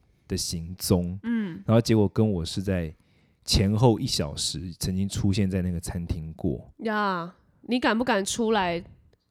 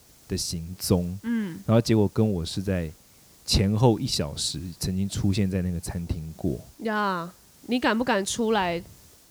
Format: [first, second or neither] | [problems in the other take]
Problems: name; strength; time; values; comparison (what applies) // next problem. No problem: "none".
first | hiss; faint; throughout; 25 dB below the speech